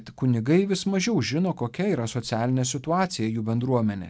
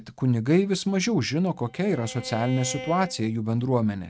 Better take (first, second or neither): first